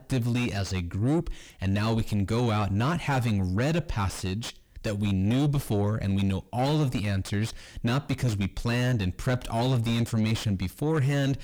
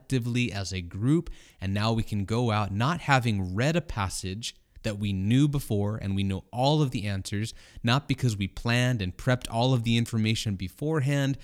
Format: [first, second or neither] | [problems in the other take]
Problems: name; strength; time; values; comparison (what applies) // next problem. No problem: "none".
second | distortion; heavy; 6 dB below the speech